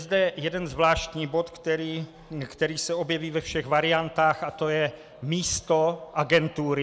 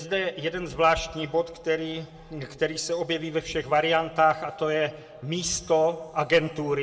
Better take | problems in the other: first | room echo; dies away in 1.2 s

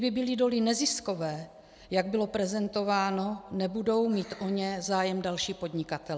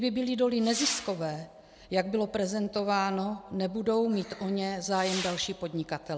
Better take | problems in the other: first | background sound (Whoosh, swoosh, swish / Fireworks); 15 dB below the speech

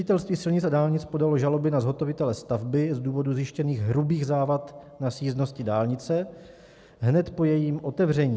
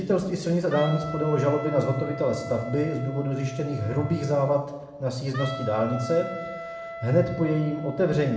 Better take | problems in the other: first | background sound (Wind instrument, woodwind instrument); 12 dB below the speech // room echo; dies away in 0.8 s

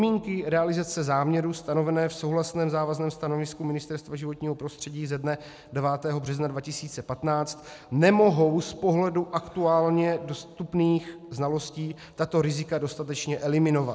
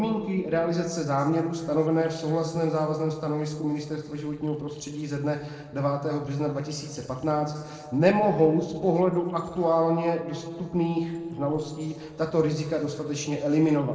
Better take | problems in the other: first | noise reduction (neural separator model SepFormer DNS4)

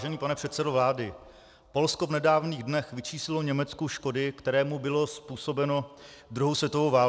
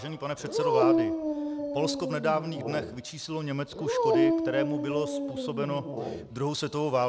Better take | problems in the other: first | background sound (Dog); 2 dB above the speech

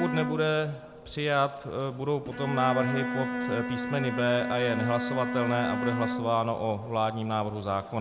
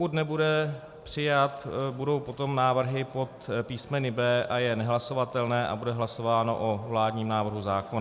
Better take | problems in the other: second | background sound (Bowed string instrument); 5 dB below the speech

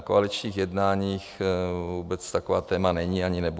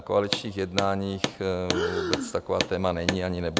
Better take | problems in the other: first | background sound (Breathing + Hammer); 3 dB below the speech

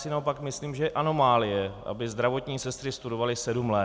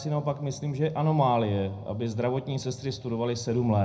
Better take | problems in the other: first | room echo; dies away in 0.4 s

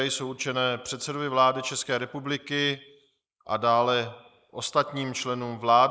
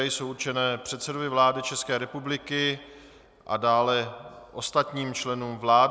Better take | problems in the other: second | noise reduction (neural mask model Resemble Enhance denoiser)

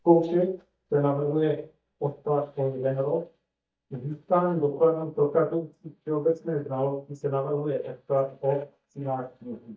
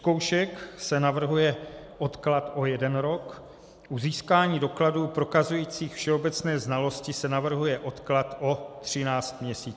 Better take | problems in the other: second | noise reduction (neural mask model DeepFilterNet 3)

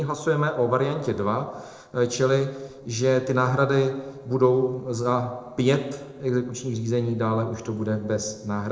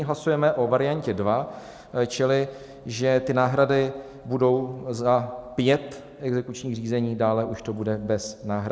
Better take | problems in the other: second | noise reduction (neural separator model SepFormer DNS4)

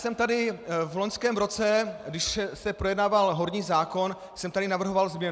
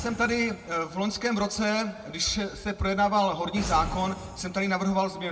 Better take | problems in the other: first | background sound (Boom); 14 dB below the speech // room echo; dies away in 1.2 s

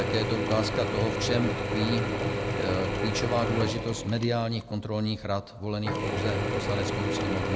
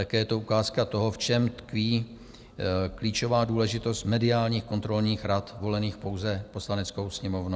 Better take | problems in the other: second | background sound (Drill / Mechanisms); as loud as the speech

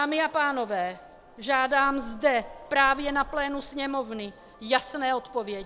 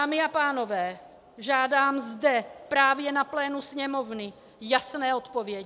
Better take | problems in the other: second | background sound (Vehicle horn, car horn, honking); 19 dB below the speech

